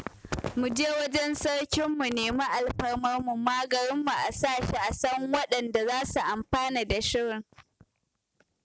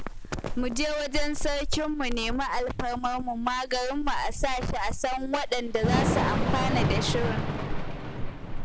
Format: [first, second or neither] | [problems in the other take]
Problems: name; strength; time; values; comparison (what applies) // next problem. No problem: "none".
first | background sound (Thunder / Rain); 1 dB above the speech